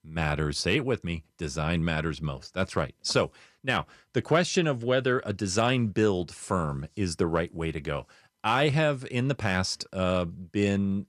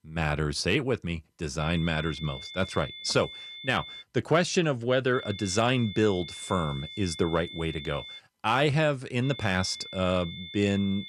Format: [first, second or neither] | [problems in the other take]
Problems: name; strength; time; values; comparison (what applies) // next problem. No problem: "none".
first | high-pitched whine; noticeable; from 1.5 to 4 s, from 5 to 8 s and from 9 s on; 3.5 kHz, 10 dB below the speech